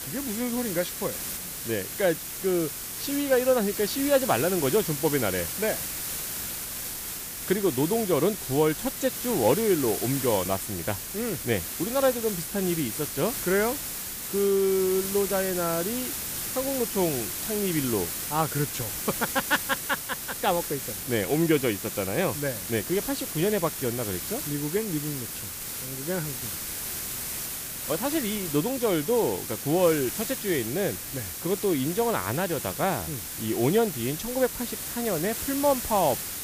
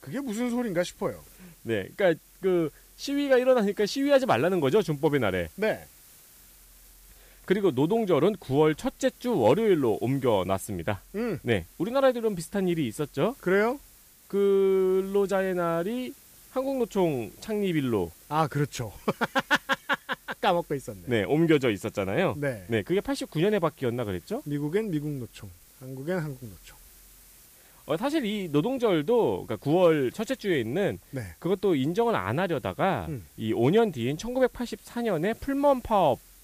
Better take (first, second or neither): second